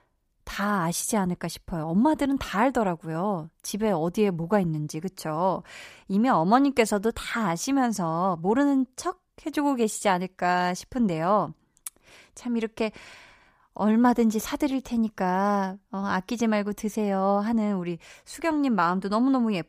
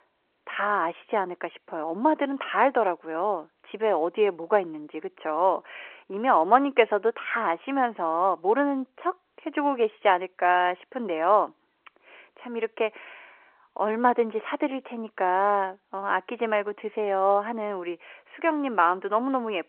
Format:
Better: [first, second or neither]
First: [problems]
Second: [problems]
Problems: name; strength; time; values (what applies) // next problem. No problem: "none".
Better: first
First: none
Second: phone-call audio